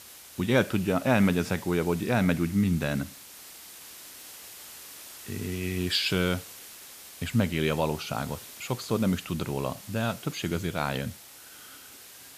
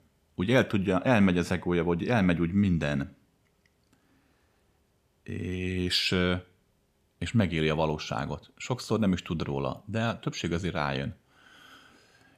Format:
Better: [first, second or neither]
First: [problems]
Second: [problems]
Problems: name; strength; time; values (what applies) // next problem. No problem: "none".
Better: second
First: hiss; noticeable; throughout; 15 dB below the speech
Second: none